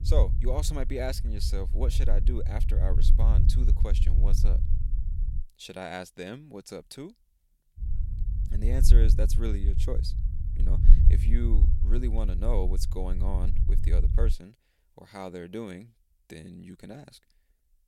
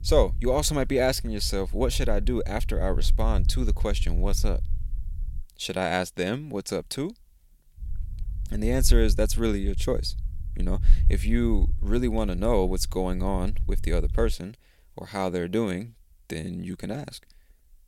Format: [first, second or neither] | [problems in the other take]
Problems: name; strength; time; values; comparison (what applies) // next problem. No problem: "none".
second | low rumble; loud; until 5.5 s and from 8 to 14 s; 8 dB below the speech; faint in the second